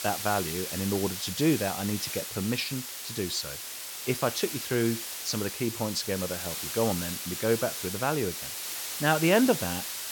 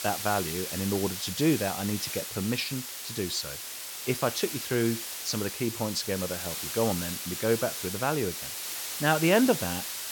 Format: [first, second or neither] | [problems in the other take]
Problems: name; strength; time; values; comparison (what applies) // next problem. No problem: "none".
neither | hiss; loud; throughout; 4 dB below the speech; the same in both